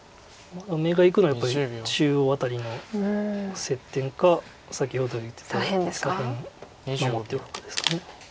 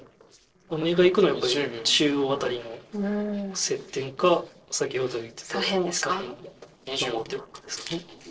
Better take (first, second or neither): first